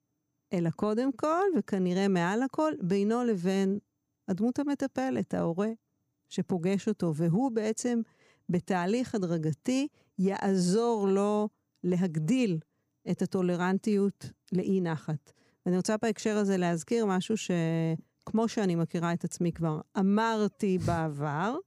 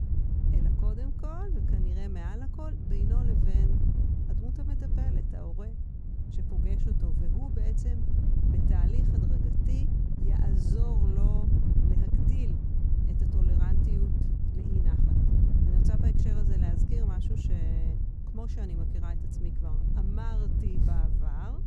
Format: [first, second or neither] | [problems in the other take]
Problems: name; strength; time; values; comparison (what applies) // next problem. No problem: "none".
first | wind noise on the microphone; heavy; 4 dB above the speech